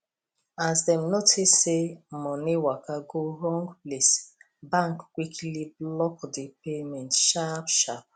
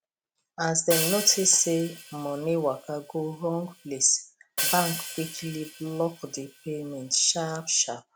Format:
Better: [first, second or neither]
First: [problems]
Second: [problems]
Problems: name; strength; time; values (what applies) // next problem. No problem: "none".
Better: first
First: none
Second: background sound (Hi-hat); 7 dB below the speech